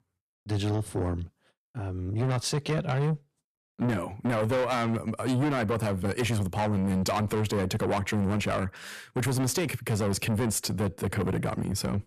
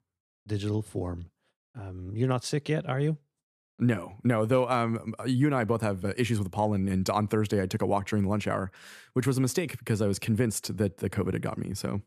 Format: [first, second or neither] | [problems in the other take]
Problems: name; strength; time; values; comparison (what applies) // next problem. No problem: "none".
second | distortion; heavy; 6 dB below the speech